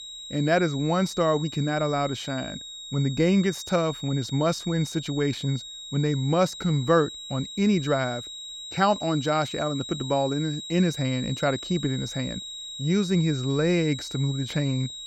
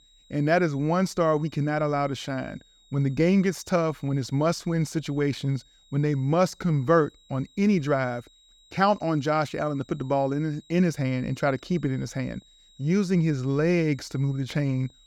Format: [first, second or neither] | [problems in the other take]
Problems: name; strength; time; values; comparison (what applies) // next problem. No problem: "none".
second | high-pitched whine; loud; throughout; 4 kHz, 10 dB below the speech; faint in the second